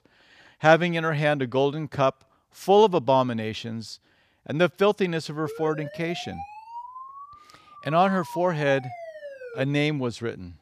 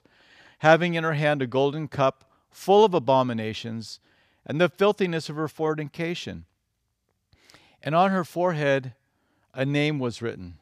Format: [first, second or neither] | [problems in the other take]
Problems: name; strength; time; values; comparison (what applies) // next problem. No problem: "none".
second | siren; faint; from 5.5 to 9.5 s; peak 15 dB below the speech